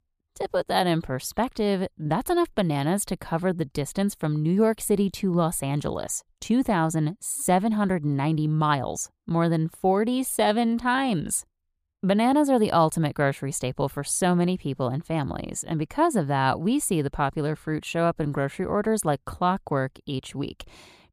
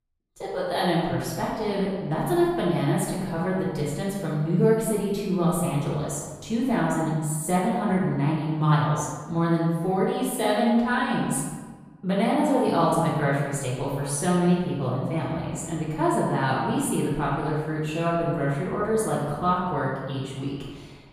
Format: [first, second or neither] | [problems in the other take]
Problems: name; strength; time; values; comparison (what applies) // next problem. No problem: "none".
first | off-mic speech; far // room echo; noticeable; dies away in 1.2 s